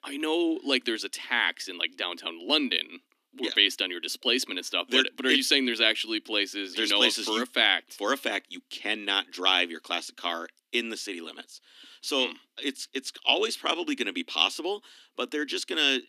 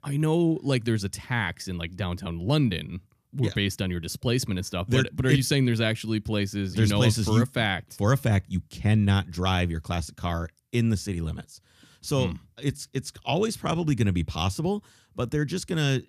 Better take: second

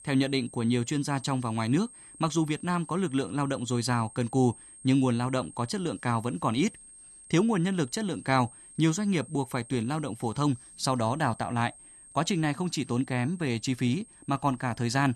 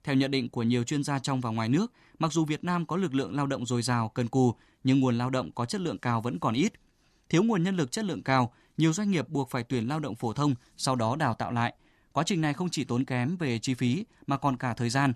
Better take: second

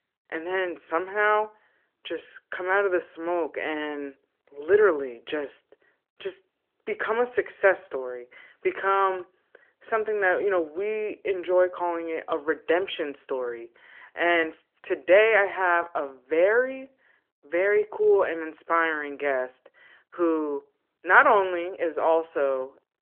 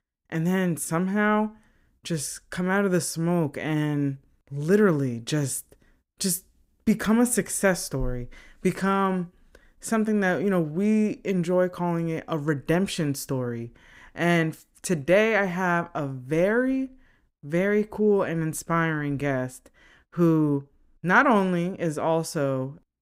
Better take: second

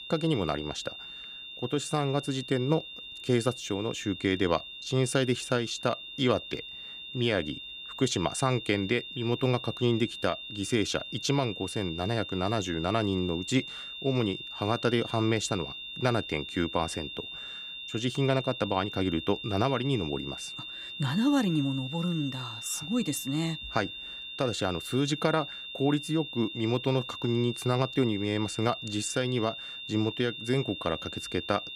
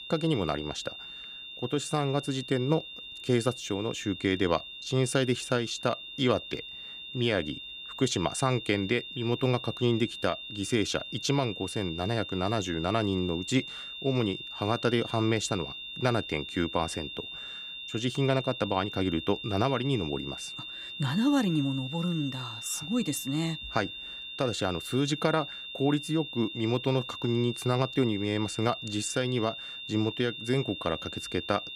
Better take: neither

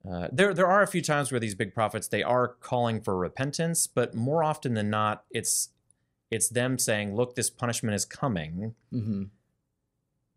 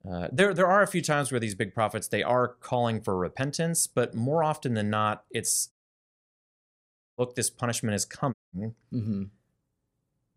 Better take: first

